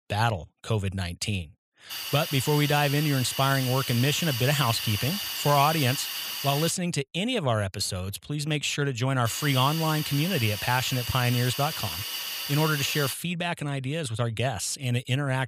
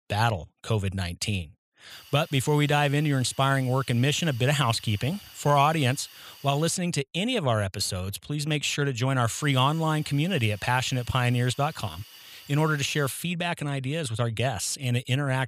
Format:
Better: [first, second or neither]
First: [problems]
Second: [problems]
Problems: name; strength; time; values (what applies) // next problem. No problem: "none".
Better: second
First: hiss; loud; from 2 to 6.5 s and from 9.5 to 13 s; 5 dB below the speech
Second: hiss; faint; from 2 to 6.5 s and from 9.5 to 13 s; 20 dB below the speech